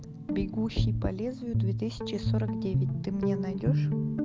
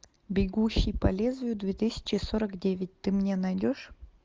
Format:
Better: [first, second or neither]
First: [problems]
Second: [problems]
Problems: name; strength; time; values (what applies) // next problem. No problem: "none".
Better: second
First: background sound (Guitar); 4 dB above the speech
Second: none